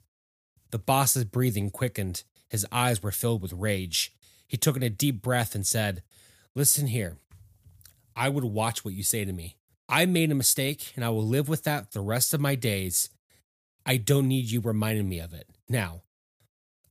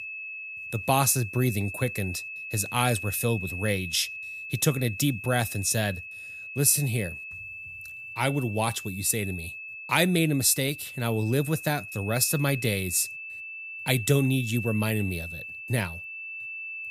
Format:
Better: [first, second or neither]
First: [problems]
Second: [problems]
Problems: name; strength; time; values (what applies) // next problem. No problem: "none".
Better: first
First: none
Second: high-pitched whine; loud; throughout; 2.5 kHz, 10 dB below the speech